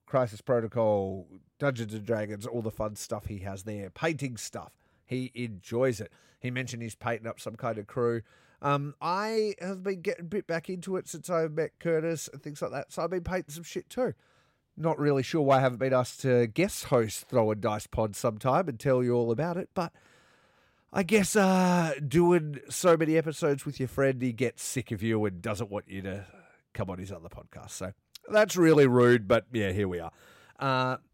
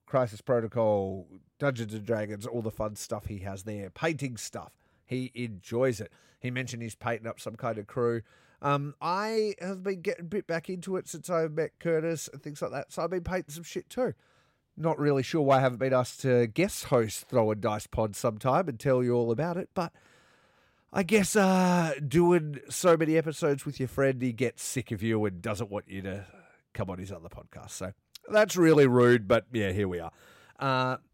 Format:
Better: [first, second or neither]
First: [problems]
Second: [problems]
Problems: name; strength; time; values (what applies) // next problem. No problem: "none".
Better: neither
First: none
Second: none